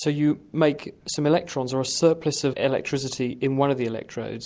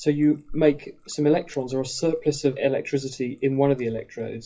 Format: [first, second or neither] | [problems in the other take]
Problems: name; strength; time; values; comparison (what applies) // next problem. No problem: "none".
first | noise reduction (classical method WPE with log-MMSE)